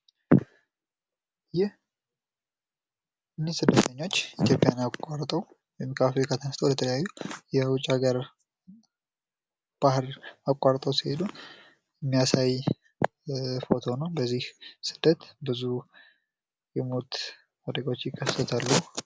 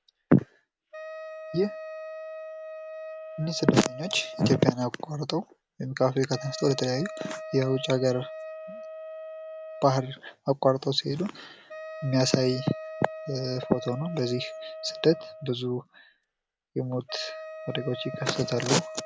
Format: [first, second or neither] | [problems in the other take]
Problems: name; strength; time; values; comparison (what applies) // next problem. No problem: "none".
first | background sound (Wind instrument, woodwind instrument); 12 dB below the speech